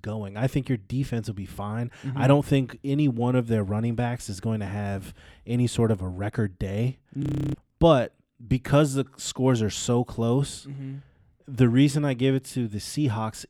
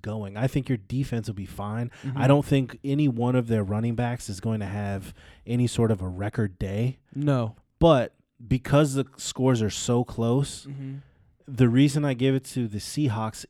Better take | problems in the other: second | audio freezing; at 7 s

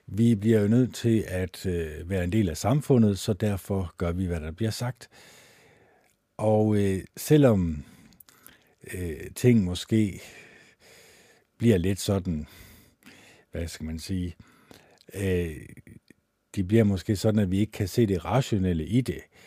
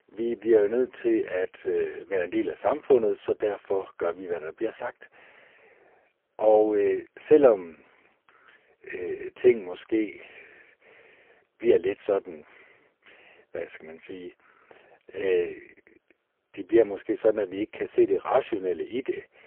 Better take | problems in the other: first | phone-call audio; poor line; nothing above 3 kHz

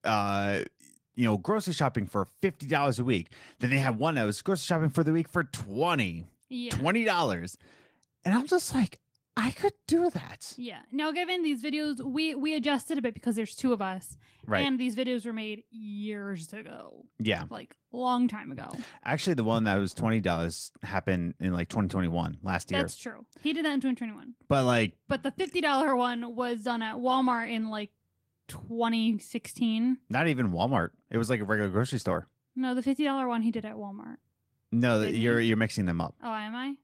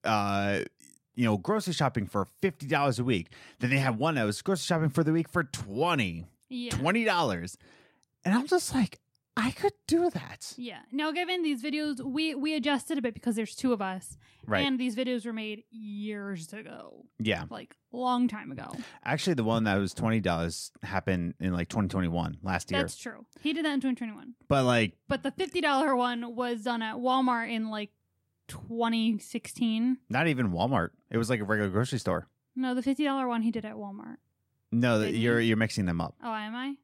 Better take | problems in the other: second | garbled, watery; slightly; nothing above 16 kHz

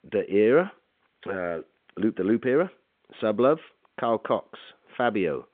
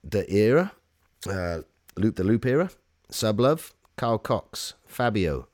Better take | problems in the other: second | phone-call audio; nothing above 3.5 kHz

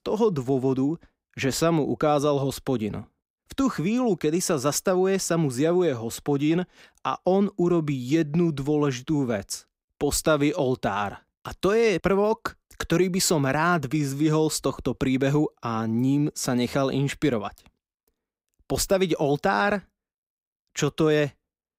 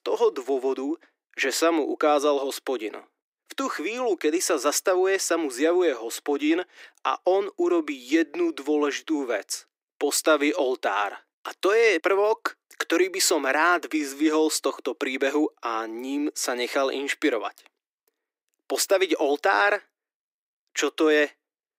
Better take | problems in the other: first | thin; somewhat; fading below 300 Hz

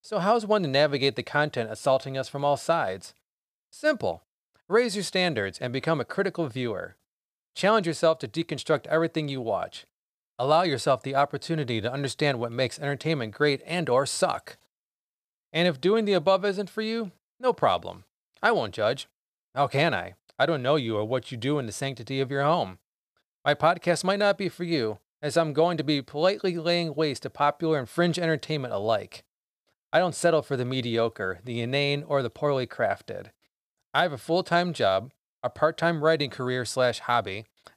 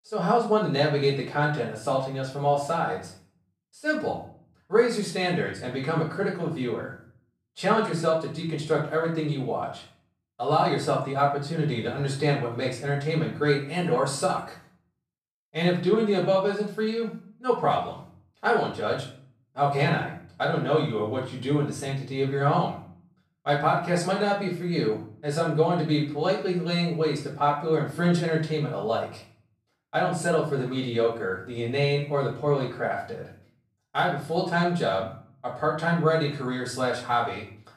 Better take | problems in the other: first | off-mic speech; far // room echo; noticeable; dies away in 0.5 s

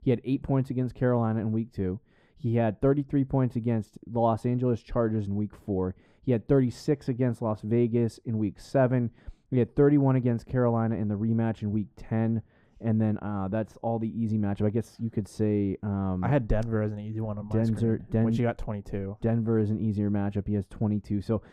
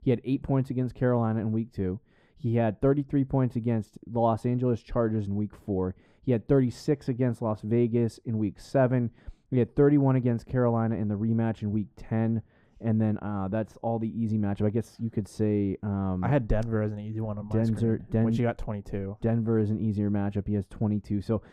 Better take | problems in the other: neither | muffled; very; fading above 1.5 kHz; the same in both

